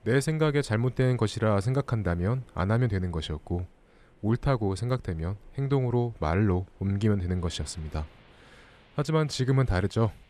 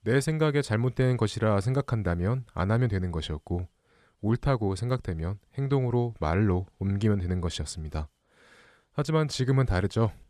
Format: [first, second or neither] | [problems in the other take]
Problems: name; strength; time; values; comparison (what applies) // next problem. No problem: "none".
second | rain or running water; faint; throughout; 30 dB below the speech